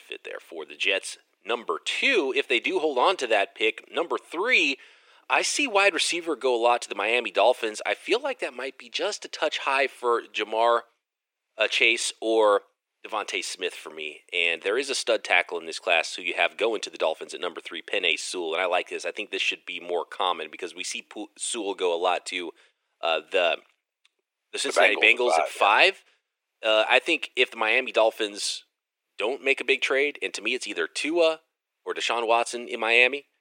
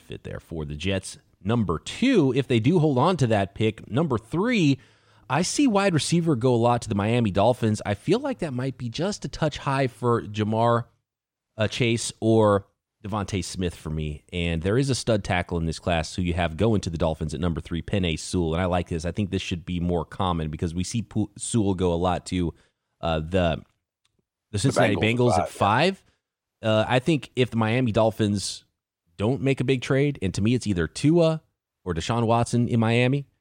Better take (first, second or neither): second